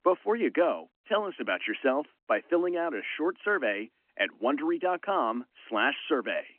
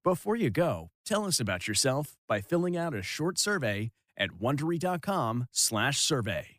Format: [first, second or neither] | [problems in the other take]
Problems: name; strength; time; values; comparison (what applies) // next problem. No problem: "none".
second | phone-call audio; nothing above 3 kHz